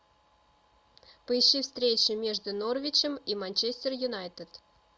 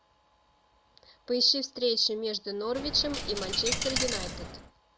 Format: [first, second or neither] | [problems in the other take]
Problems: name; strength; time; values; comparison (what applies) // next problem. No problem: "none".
first | background sound (Coin (dropping)); 3 dB below the speech